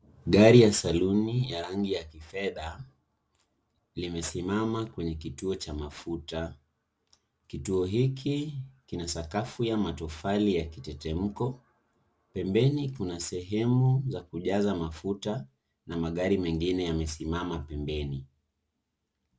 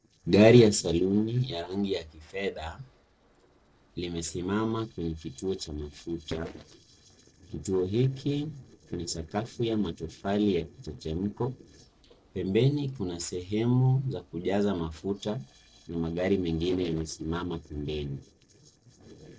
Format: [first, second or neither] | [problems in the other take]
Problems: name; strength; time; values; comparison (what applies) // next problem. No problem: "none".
first | noise reduction (neural separator model SepFormer DNS4)